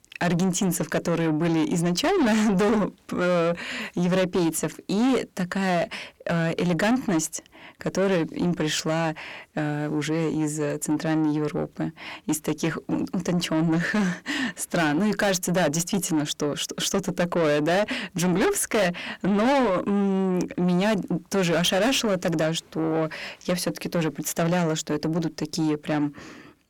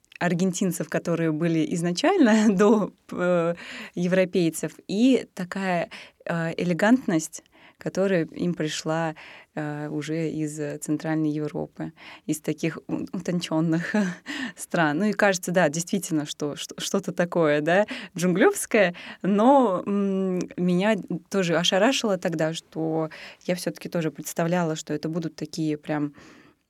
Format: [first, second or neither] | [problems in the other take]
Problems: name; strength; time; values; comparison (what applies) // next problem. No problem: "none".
second | distortion; heavy; 7 dB below the speech